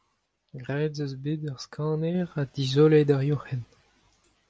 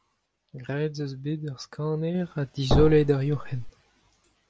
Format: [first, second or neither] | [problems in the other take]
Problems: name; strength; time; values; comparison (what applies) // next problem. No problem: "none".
first | background sound (Thump, thud); 1 dB above the speech